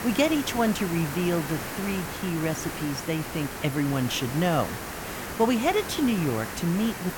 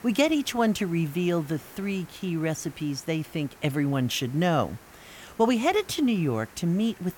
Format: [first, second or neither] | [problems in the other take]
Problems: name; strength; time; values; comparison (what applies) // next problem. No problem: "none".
second | hiss; loud; throughout; 7 dB below the speech; faint in the second